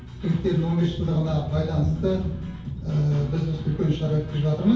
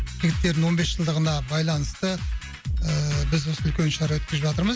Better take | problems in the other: second | background sound (Thunder); 9 dB below the speech // room echo; dies away in 2.4 s

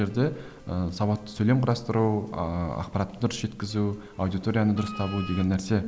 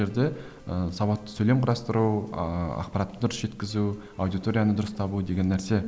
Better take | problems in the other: second | background sound (Wind instrument, woodwind instrument); 15 dB below the speech

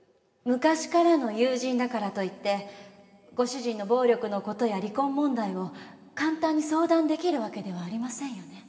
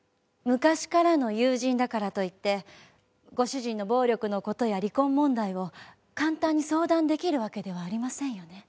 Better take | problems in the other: second | room echo; dies away in 1.9 s

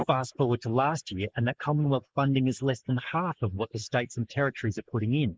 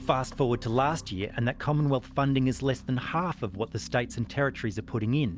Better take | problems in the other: second | noise reduction (neural mask model Resemble Enhance denoiser)

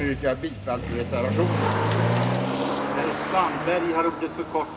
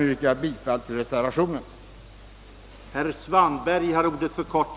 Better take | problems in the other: second | background sound (Motor vehicle (road)); 1 dB above the speech // room echo; dies away in 0.2 s

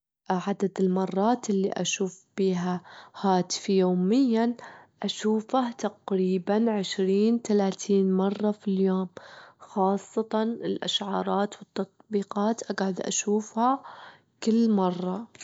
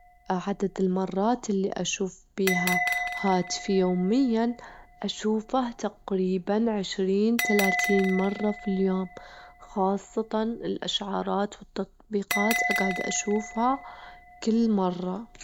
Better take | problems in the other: first | background sound (Bell); 8 dB below the speech

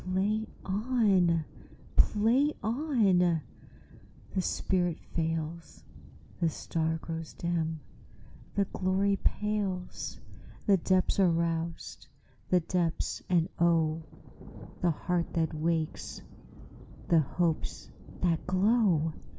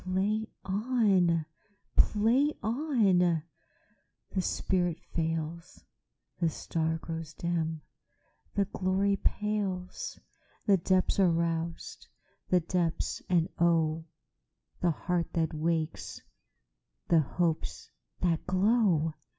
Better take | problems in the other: second | background sound (Thunder); 16 dB below the speech

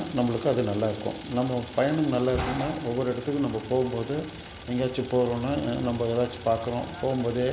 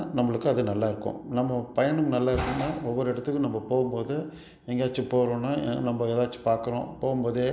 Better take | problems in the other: second | background sound (Idling); 15 dB below the speech

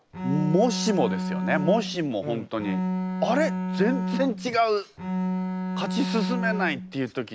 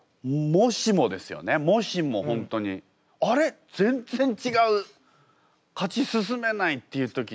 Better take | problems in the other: second | background sound (Bowed string instrument); 2 dB below the speech

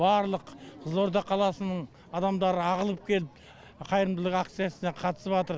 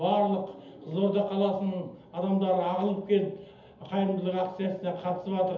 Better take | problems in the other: first | room echo; dies away in 0.7 s

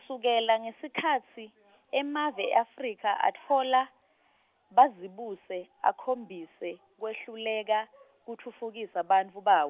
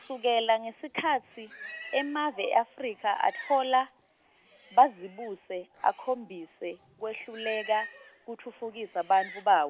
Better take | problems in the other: first | background sound (Livestock, farm animals, working animals); 18 dB below the speech

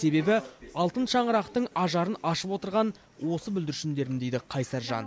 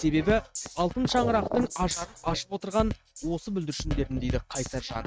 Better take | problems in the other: first | noise reduction (neural mask model RNNoise)

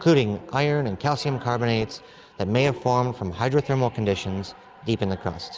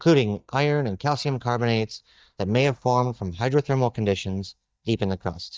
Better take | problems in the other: first | noise reduction (neural mask model DeepFilterNet 3)

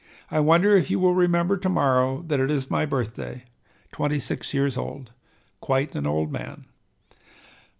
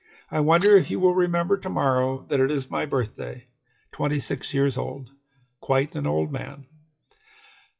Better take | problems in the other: first | noise reduction (classical method WPE with log-MMSE)

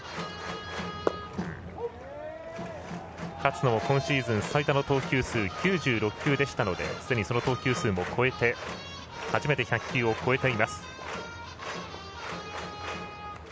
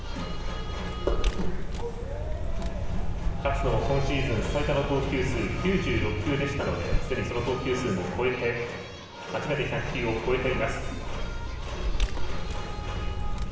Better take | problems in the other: first | background sound (Vehicle); as loud as the speech // room echo; dies away in 1.2 s

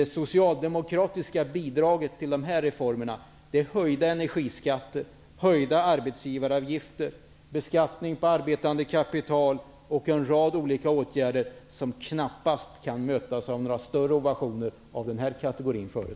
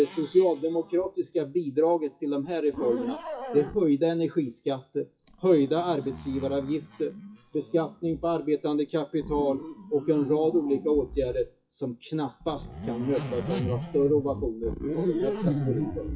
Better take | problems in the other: first | noise reduction (classical method WPE with log-MMSE)

